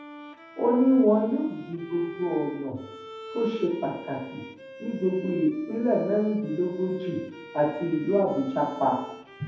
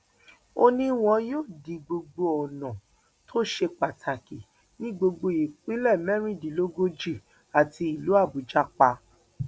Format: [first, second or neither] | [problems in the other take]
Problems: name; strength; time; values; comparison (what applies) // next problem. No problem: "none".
second | background sound (Bowed string instrument); 17 dB below the speech // room echo; dies away in 0.9 s